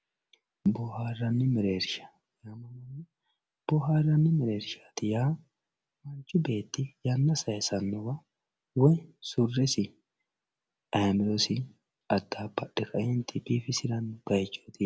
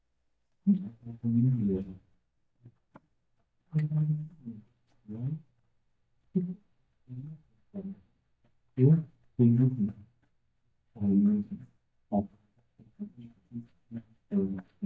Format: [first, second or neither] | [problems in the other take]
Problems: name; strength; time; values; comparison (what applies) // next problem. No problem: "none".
first | noise reduction (neural mask model DeepFilterNet 3)